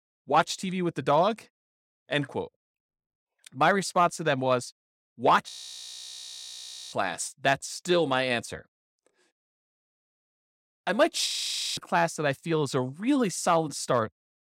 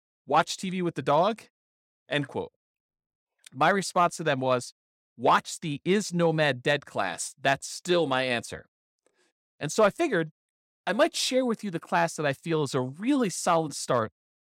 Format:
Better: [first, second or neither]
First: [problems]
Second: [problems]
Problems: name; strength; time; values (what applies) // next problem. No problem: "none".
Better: second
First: audio freezing; at 5.5 s for 1.5 s, at 9.5 s for 1 s and at 11 s for 0.5 s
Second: none